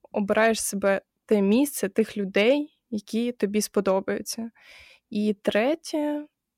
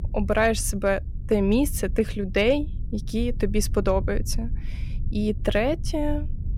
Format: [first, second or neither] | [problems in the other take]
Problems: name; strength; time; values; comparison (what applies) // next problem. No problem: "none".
first | low rumble; faint; throughout; 25 dB below the speech